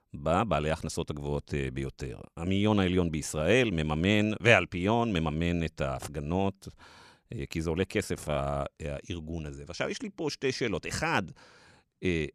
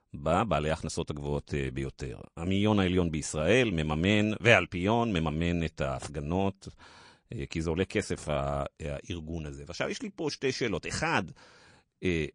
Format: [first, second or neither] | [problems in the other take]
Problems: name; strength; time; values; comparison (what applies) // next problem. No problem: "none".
first | garbled, watery; slightly; nothing above 8 kHz